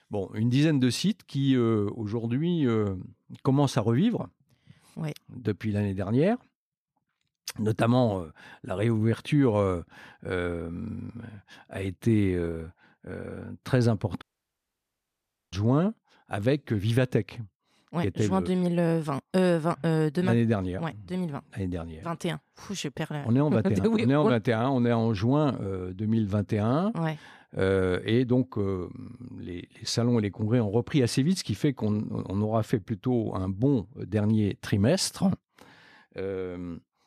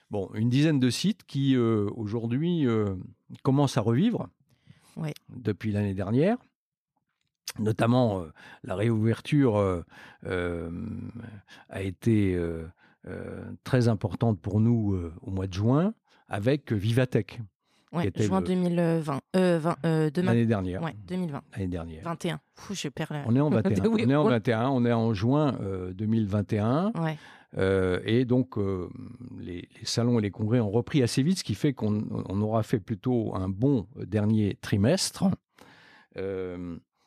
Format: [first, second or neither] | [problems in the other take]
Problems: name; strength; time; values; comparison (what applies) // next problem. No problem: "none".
second | audio cutting out; at 14 s for 1.5 s